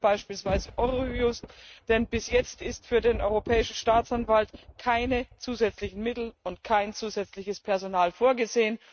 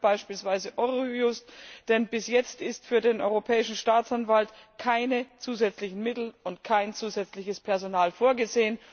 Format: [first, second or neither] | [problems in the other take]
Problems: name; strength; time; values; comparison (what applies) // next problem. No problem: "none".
second | noise reduction (neural mask model RNNoise)